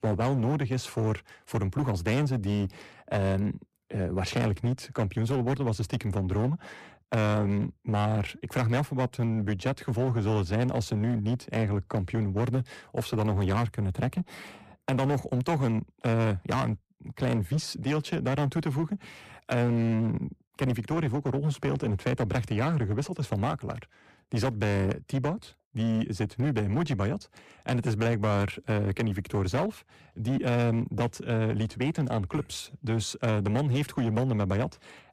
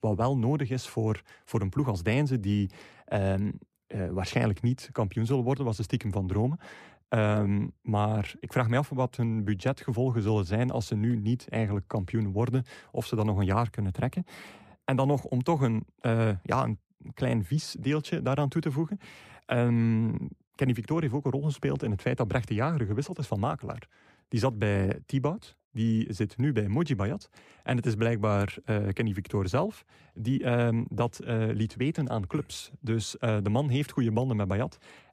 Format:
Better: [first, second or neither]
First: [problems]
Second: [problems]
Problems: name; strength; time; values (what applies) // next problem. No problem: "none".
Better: second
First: distortion; slight; 14% of the sound clipped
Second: none